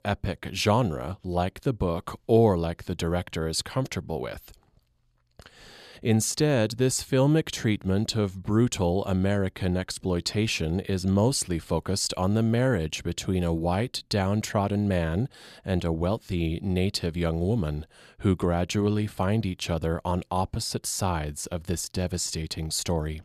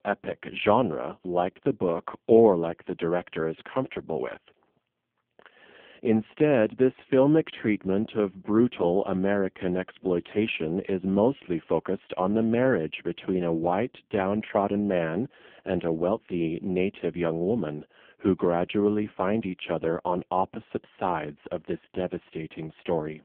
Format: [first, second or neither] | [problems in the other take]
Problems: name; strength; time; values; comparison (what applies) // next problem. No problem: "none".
first | phone-call audio; poor line